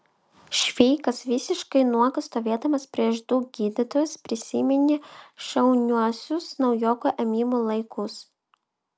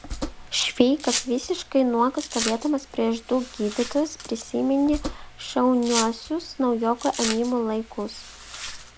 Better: first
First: none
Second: background sound (Domestic sounds, home sounds); 10 dB below the speech

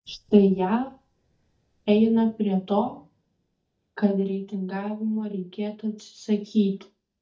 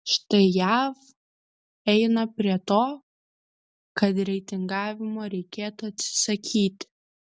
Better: second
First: noise reduction (neural mask model DeepFilterNet 3)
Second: none

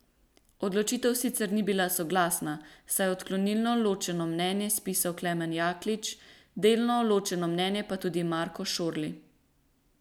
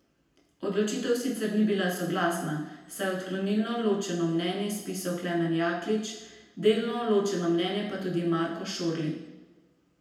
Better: first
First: none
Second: room echo; dies away in 0.9 s

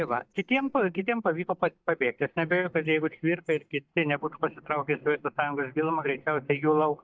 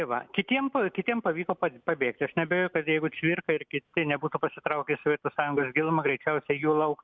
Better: second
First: noise reduction (neural mask model DeepFilterNet 3)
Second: none

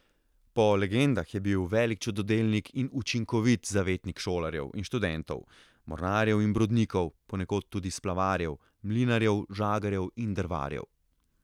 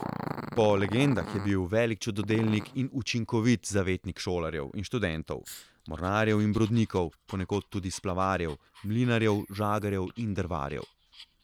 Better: first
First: none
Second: background sound (Growling); 15 dB below the speech

